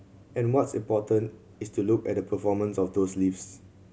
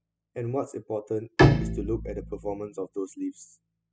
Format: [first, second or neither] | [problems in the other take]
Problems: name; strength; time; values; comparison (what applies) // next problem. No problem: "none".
first | noise reduction (classical method spectral subtraction)